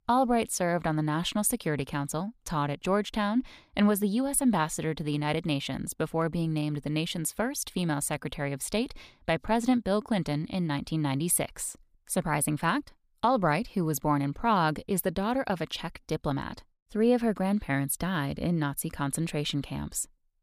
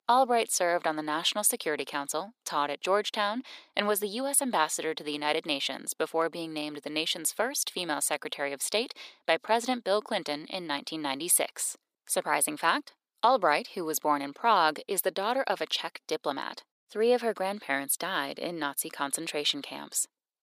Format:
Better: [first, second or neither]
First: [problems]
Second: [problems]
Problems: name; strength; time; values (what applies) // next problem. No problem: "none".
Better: first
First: none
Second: thin; somewhat; fading below 400 Hz